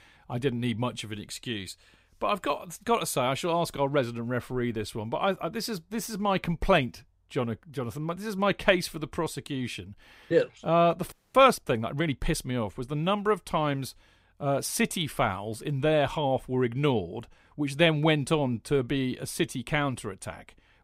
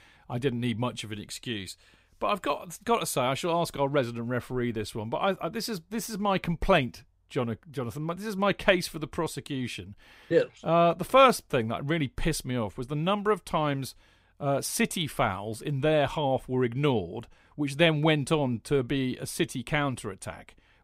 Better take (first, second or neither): second